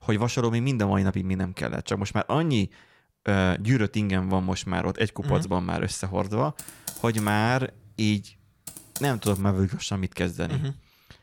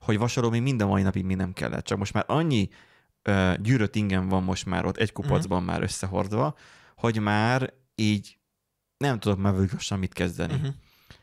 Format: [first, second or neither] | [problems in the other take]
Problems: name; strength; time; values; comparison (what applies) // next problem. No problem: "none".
second | keyboard typing; noticeable; from 6.5 to 9.5 s; peak 9 dB below the speech